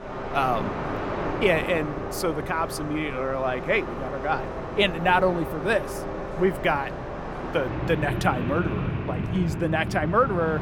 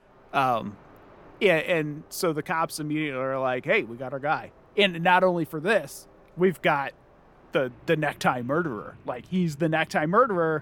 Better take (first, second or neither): second